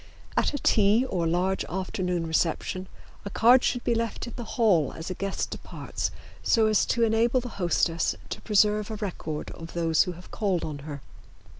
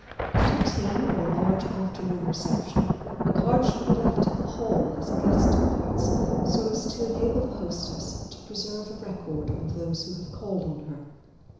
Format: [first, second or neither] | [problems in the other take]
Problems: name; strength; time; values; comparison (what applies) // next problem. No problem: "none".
first | background sound (Thunder); 4 dB above the speech // room echo; dies away in 1 s